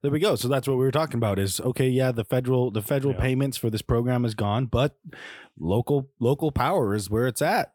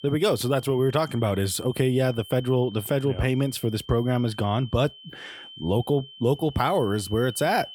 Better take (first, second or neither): first